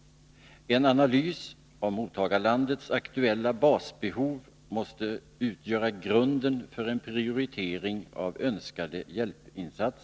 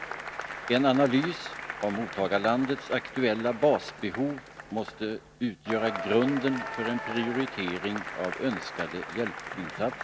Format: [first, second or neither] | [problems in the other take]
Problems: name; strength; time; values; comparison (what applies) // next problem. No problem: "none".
first | background sound (Applause / Crowd / Cheering); 9 dB below the speech